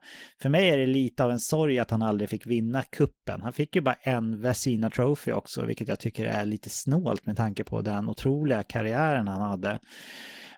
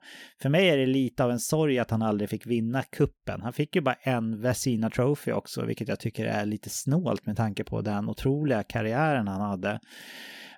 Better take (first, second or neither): second